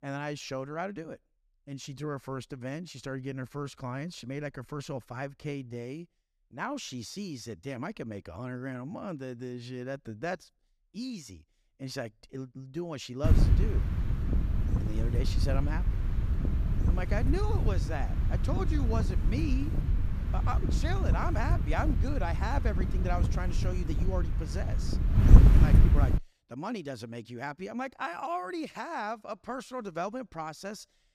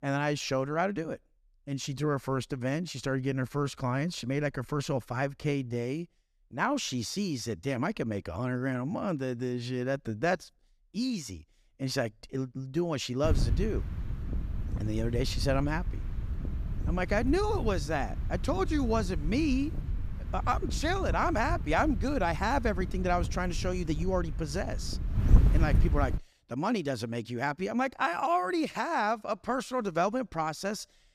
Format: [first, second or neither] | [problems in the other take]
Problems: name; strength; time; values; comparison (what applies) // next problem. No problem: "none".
second | wind noise on the microphone; heavy; from 13 to 26 s; 3 dB below the speech; occasional gusts in the second